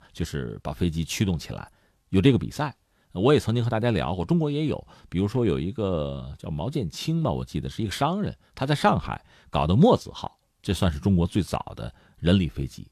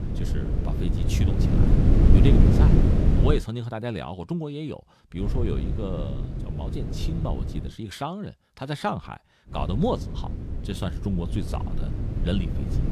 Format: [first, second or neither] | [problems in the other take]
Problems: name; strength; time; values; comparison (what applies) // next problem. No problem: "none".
first | wind noise on the microphone; heavy; until 3.5 s, from 5 to 7.5 s and from 9.5 s on; 1 dB below the speech